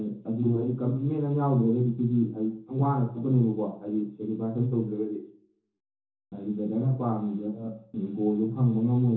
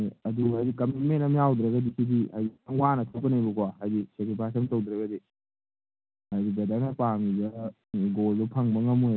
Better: second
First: room echo; dies away in 0.7 s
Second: none

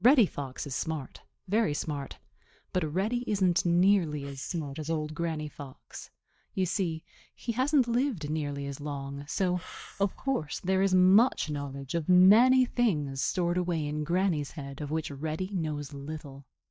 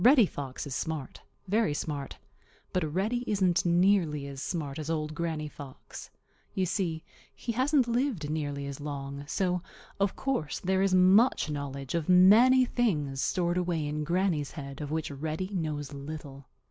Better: second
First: noise reduction (neural mask model DeepFilterNet 3)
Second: none

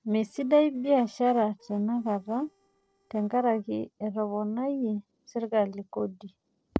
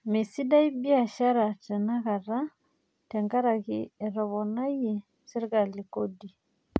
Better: second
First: noise reduction (neural separator model SepFormer DNS4)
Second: none

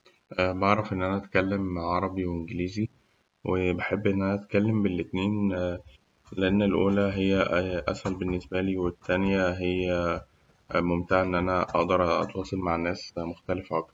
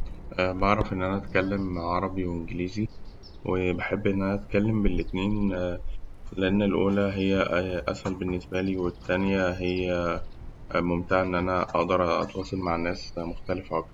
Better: first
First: none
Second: background sound (Bird vocalization, bird call, bird song); 10 dB below the speech

